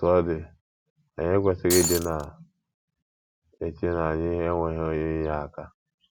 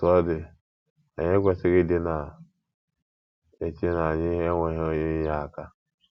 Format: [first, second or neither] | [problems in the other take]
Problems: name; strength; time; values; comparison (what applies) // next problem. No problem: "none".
second | background sound (Shatter); 1 dB below the speech